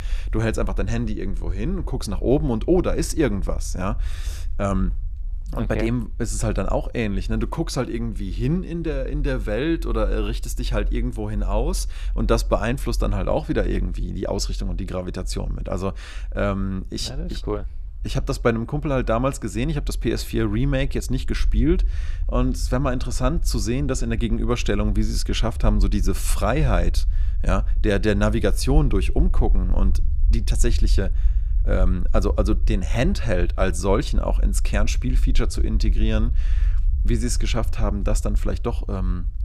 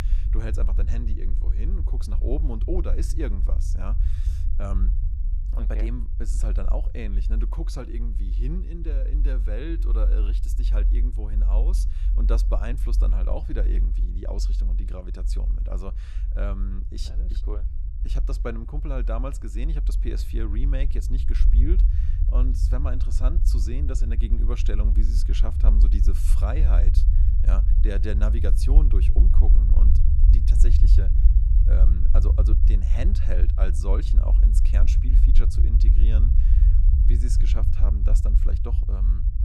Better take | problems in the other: first | low rumble; loud; throughout; 5 dB below the speech; faint in the first

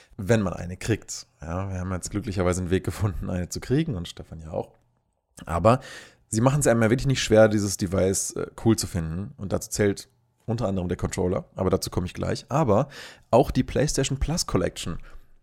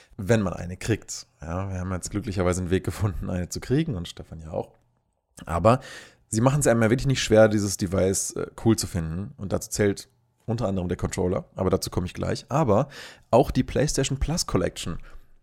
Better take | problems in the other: neither | none

